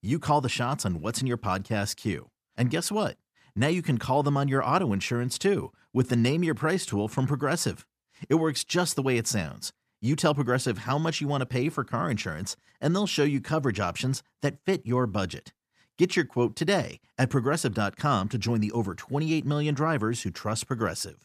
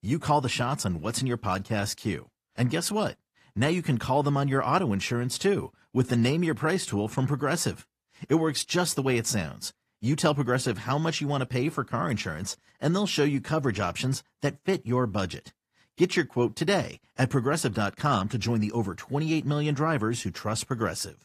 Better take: first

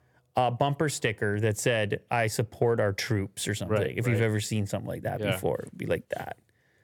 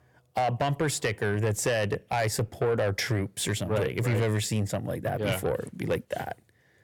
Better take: first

